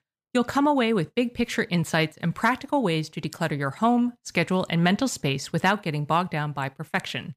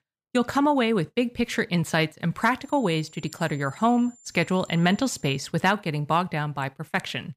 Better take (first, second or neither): first